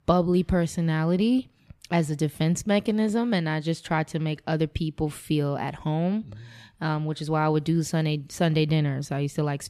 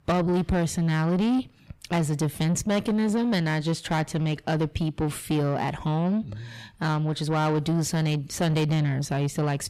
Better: first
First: none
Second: distortion; slight; 9 dB below the speech

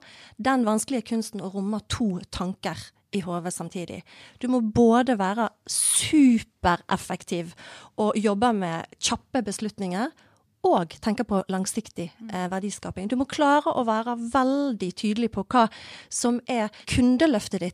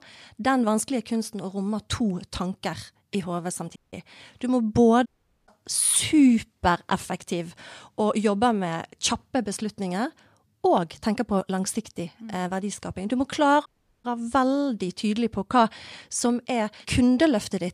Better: first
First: none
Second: audio cutting out; at 4 s, at 5 s and at 14 s

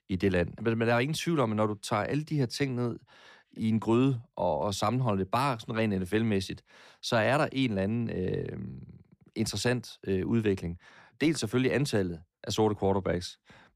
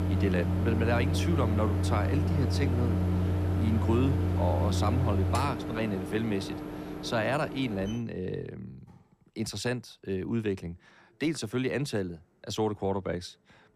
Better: first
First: none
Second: household noises; very loud; throughout; 2 dB above the speech

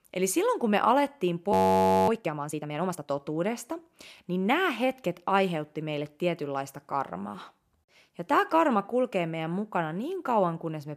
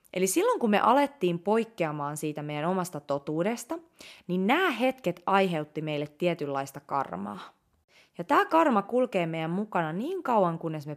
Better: second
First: audio freezing; at 1.5 s for 0.5 s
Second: none

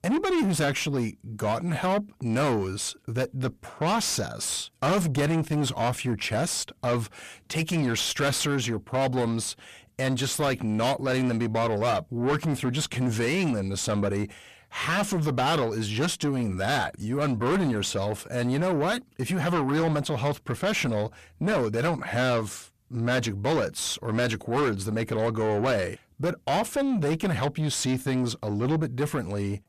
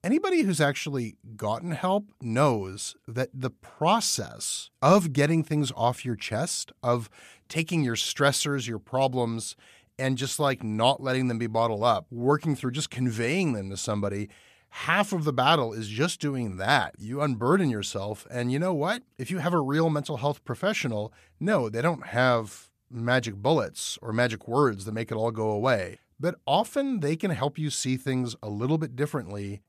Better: second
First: distortion; heavy; 6 dB below the speech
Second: none

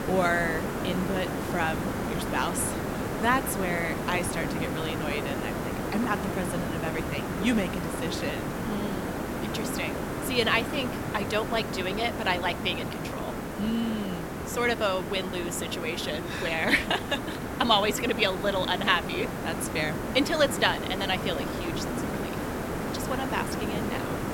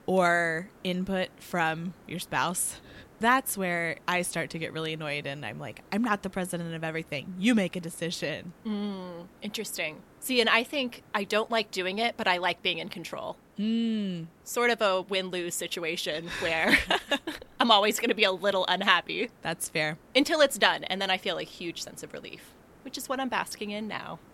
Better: second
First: hiss; loud; throughout; 3 dB below the speech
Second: hiss; faint; throughout; 30 dB below the speech

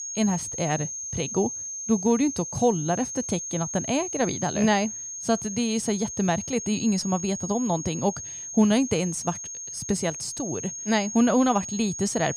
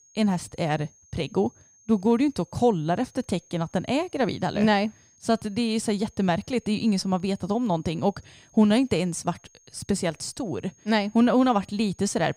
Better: second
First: high-pitched whine; loud; throughout; 6.5 kHz, 6 dB below the speech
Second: high-pitched whine; faint; throughout; 6.5 kHz, 30 dB below the speech

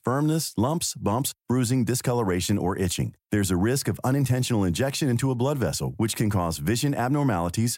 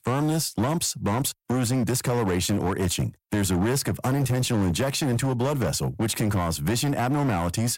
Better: first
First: none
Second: distortion; slight; 21% of the sound clipped

